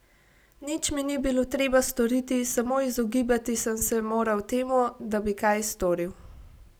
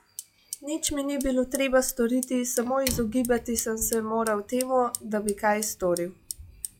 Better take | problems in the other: first | noise reduction (classical method log-MMSE)

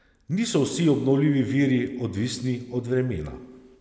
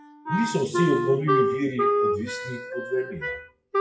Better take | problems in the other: first | noise reduction (classical method WPE with log-MMSE)

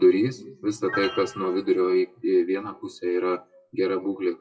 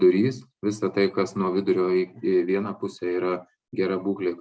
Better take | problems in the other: second | noise reduction (classical method WPE with log-MMSE)

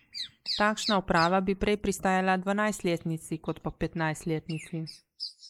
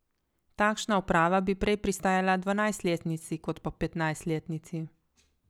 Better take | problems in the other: second | noise reduction (neural mask model Resemble Enhance denoiser)

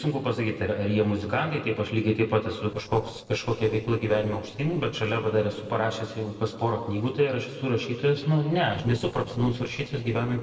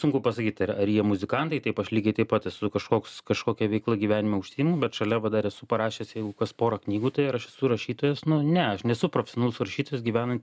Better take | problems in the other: second | noise reduction (neural separator model SepFormer DNS4)

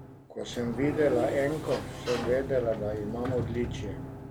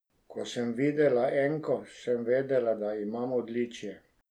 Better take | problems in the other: second | background sound (Sliding door); 6 dB below the speech

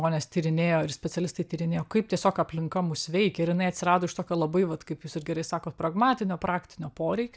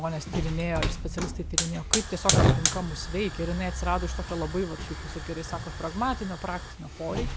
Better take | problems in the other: first | background sound (Hiss / Fire); 2 dB above the speech

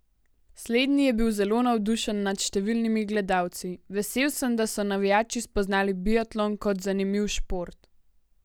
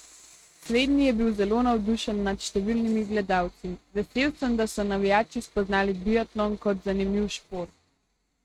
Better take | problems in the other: first | noise reduction (neural mask model RNNoise)

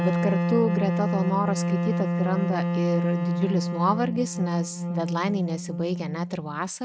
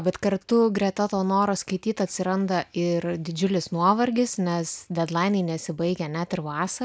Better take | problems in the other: second | noise reduction (neural mask model RNNoise)

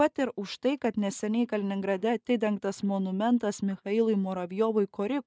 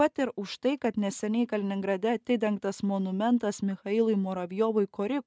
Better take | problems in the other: second | noise reduction (neural mask model Resemble Enhance denoiser)

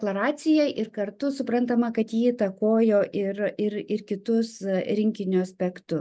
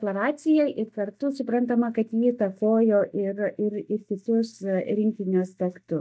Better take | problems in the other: first | noise reduction (neural mask model DeepFilterNet 3)

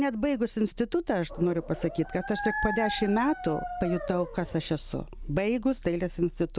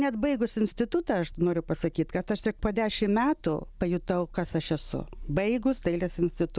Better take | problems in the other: second | background sound (Dog); 8 dB below the speech

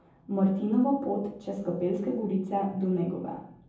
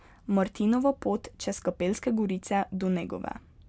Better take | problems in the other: second | room echo; dies away in 0.7 s

